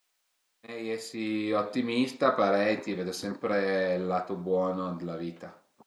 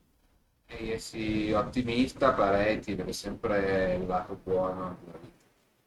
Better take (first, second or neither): first